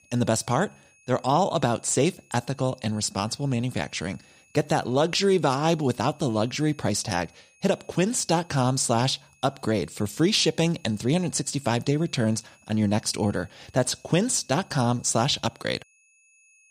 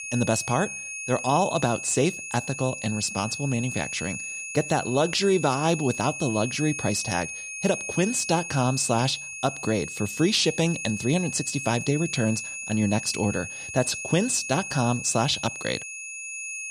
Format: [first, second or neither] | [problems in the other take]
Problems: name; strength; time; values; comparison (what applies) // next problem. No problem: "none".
first | high-pitched whine; loud; throughout; 2.5 kHz, 7 dB below the speech; faint in the first